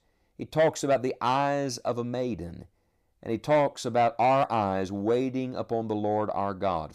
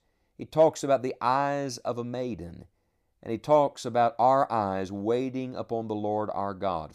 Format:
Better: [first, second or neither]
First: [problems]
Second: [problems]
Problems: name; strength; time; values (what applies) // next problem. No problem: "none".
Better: second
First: distortion; slight; 10 dB below the speech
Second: none